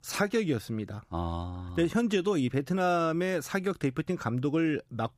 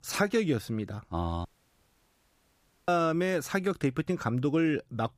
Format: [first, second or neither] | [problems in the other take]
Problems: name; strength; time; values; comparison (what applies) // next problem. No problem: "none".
first | audio cutting out; at 1.5 s for 1.5 s